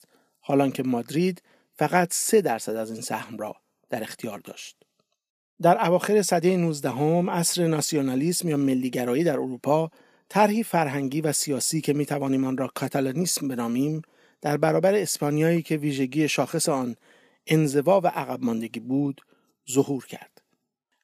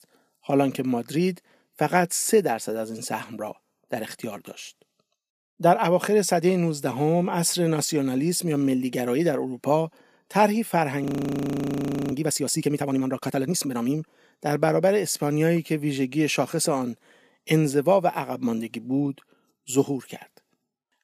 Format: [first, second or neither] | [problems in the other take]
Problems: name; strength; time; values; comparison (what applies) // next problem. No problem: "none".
first | audio freezing; at 11 s for 1 s